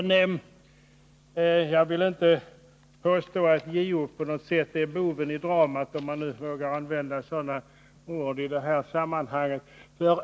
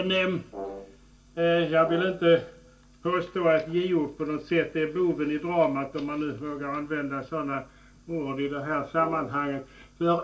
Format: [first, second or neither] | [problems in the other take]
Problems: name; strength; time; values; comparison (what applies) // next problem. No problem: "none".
first | background sound (Brass instrument); 14 dB below the speech // room echo; dies away in 0.2 s